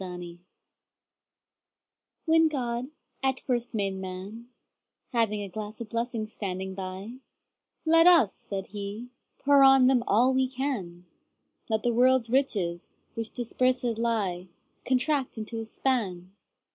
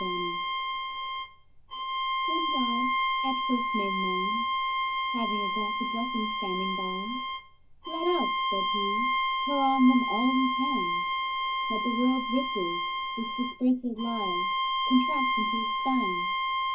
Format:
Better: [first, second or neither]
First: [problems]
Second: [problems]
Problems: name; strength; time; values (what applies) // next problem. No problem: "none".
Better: first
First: none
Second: background sound (Bowed string instrument); 2 dB above the speech // room echo; dies away in 0.3 s